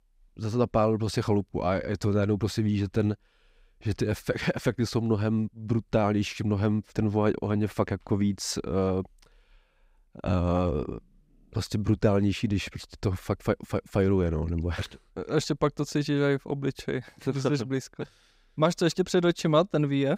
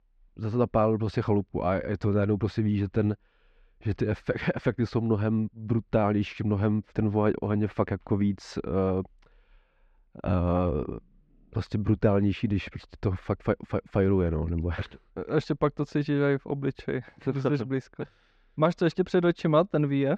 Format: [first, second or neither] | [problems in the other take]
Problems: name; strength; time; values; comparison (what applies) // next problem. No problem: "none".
first | muffled; slightly; fading above 2.5 kHz